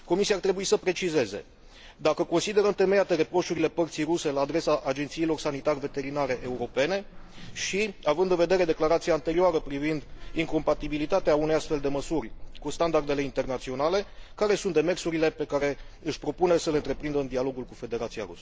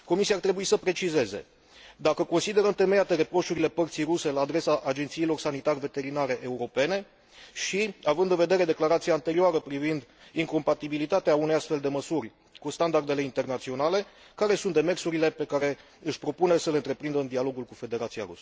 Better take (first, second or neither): second